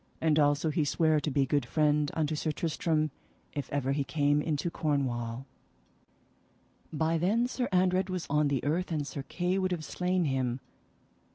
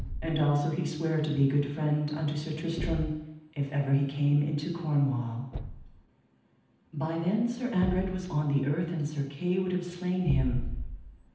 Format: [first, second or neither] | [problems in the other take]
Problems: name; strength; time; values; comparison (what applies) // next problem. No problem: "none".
first | background sound (Thump, thud); 10 dB below the speech // room echo; dies away in 0.9 s